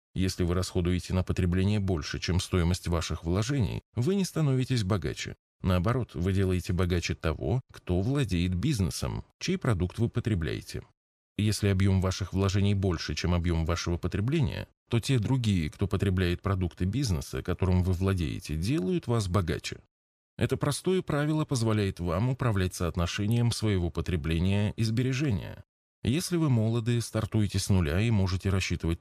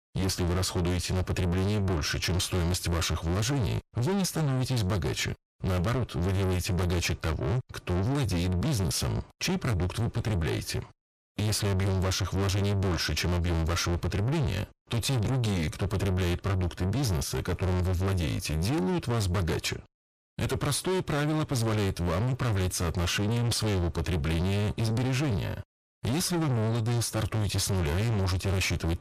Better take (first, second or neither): first